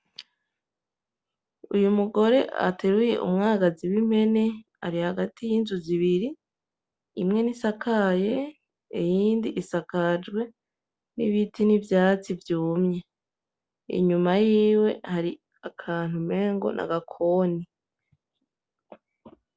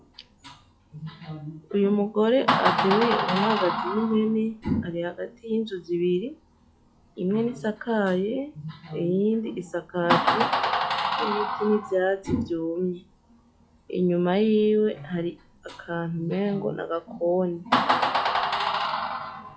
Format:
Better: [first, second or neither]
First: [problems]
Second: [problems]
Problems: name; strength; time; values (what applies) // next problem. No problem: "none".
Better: first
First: none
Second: noise reduction (classical method log-MMSE)